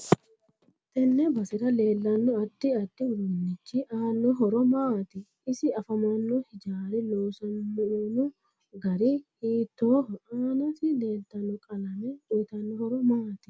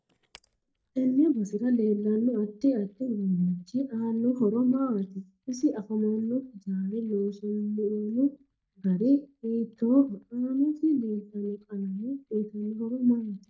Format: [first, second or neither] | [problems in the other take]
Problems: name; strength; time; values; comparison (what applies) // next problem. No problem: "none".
first | noise reduction (neural mask model DeepFilterNet 3)